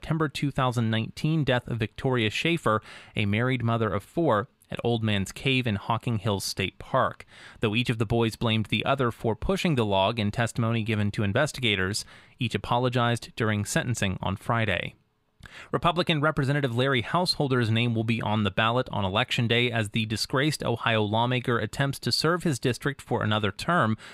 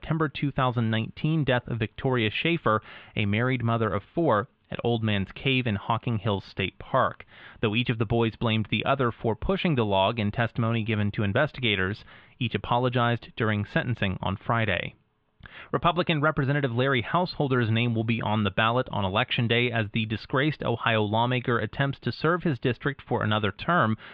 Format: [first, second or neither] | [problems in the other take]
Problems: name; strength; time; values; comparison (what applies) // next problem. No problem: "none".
first | muffled; very; fading above 3.5 kHz